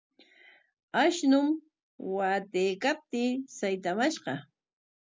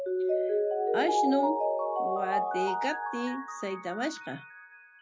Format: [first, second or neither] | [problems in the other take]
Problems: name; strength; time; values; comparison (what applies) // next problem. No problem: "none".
first | background sound (Mallet percussion); 4 dB above the speech